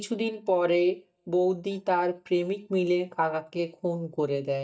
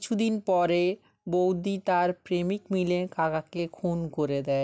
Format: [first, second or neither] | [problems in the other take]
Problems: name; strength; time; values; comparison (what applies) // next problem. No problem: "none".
second | noise reduction (neural mask model DeepFilterNet 3)